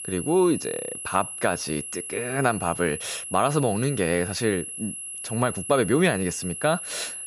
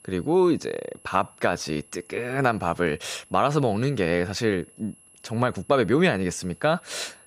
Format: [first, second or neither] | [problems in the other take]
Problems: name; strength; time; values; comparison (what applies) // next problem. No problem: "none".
second | high-pitched whine; loud; throughout; 11 kHz, 7 dB below the speech; faint in the second